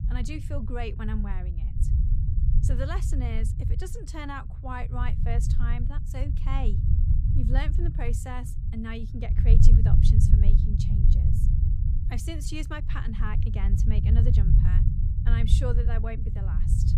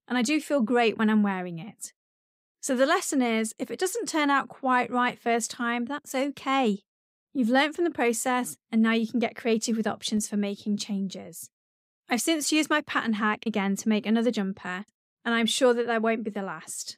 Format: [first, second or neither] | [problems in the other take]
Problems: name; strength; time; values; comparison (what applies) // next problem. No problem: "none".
second | low rumble; loud; throughout; 3 dB below the speech